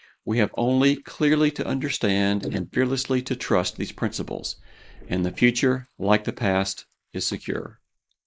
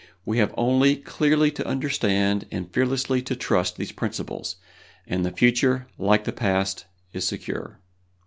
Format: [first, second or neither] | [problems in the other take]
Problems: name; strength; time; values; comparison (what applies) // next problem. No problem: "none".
second | noise reduction (neural mask model Resemble Enhance denoiser)